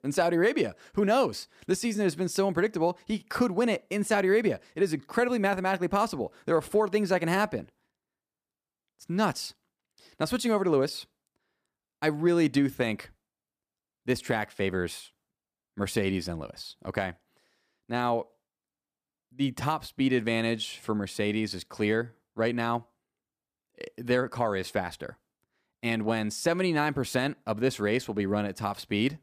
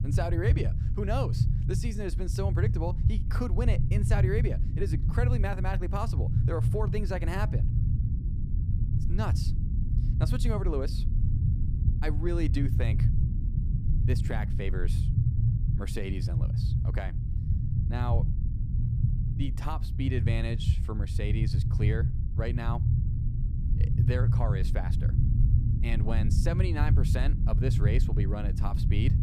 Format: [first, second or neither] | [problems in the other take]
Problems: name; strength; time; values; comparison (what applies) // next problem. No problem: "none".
first | low rumble; loud; throughout; 5 dB below the speech